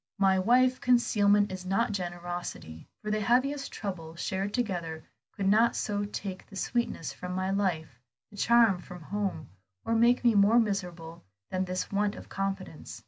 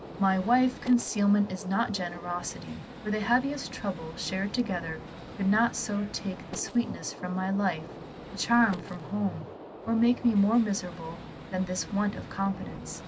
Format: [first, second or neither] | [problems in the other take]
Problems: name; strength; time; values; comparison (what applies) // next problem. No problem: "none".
first | background sound (Gunshot, gunfire); 14 dB below the speech